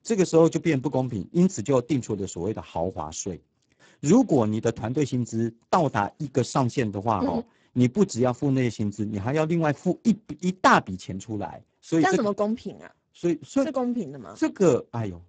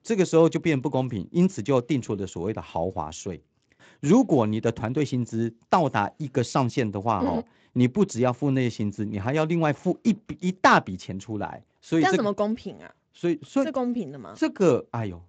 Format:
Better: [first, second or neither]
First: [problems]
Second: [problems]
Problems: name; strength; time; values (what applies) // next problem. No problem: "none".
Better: second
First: garbled, watery; badly; nothing above 7.5 kHz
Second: garbled, watery; slightly; nothing above 7.5 kHz